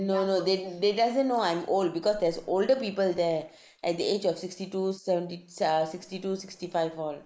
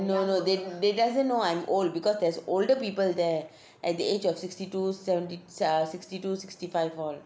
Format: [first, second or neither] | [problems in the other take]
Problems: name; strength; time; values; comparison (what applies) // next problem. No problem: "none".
second | noise reduction (neural mask model Resemble Enhance denoiser)